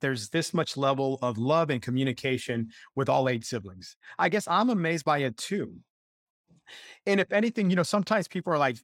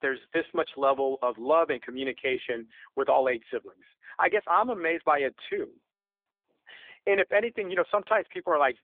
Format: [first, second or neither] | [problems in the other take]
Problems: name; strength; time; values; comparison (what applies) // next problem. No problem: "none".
first | phone-call audio; nothing above 3.5 kHz